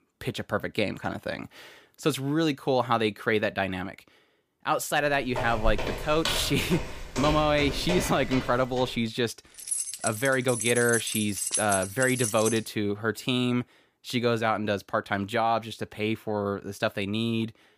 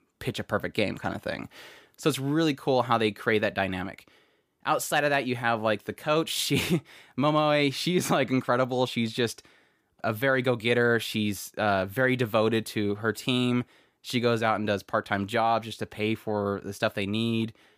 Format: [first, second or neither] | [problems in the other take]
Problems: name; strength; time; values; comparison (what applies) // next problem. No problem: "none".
second | footsteps; noticeable; from 5 to 8.5 s; peak 3 dB below the speech // jangling keys; loud; from 9.5 to 13 s; peak level with the speech